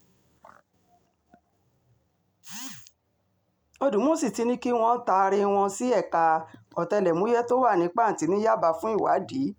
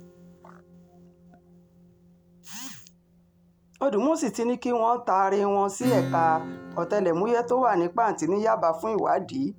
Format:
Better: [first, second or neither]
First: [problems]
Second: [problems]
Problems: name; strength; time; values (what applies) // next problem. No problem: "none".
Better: first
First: none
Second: background sound (Acoustic guitar / Strum); 13 dB below the speech